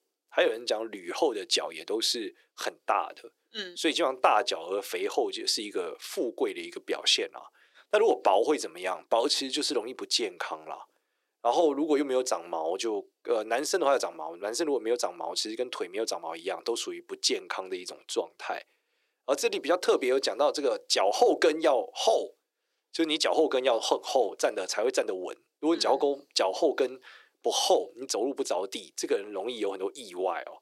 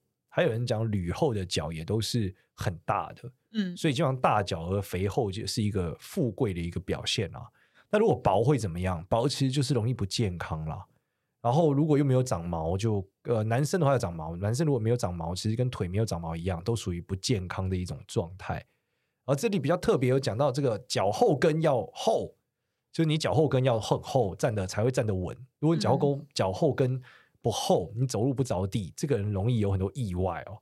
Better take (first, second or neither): second